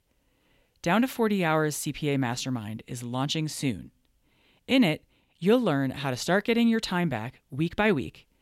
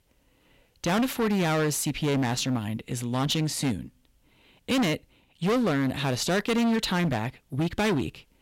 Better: first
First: none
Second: distortion; heavy; 17% of the sound clipped

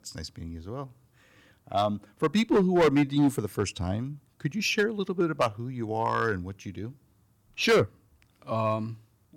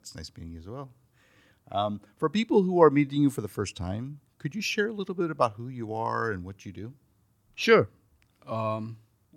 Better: second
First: distortion; heavy; 3% of the sound clipped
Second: none

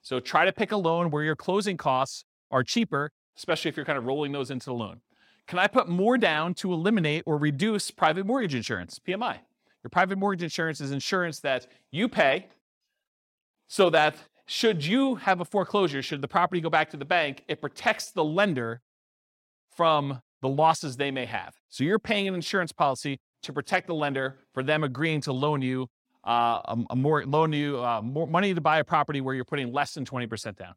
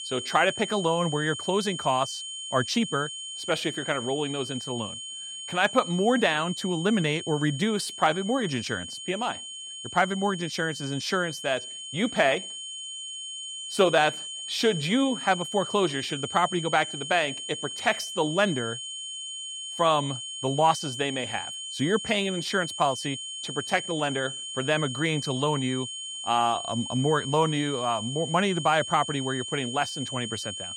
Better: first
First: none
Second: high-pitched whine; loud; throughout; 3 kHz, 7 dB below the speech

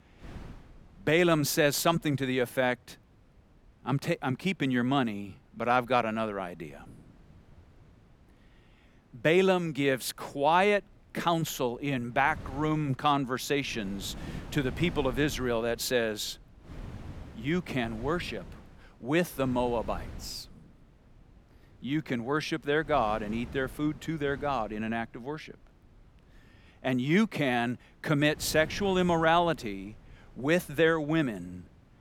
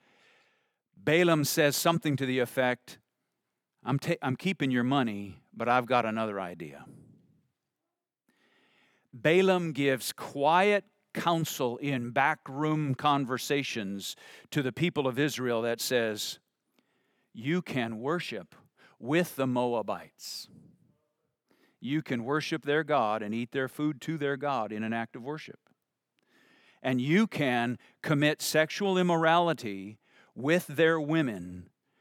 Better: second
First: wind noise on the microphone; occasional gusts; 25 dB below the speech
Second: none

